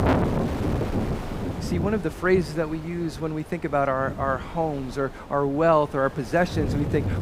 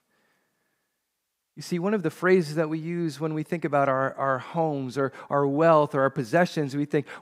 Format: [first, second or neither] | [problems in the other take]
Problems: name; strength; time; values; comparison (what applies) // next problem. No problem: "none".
second | wind noise on the microphone; heavy; 9 dB below the speech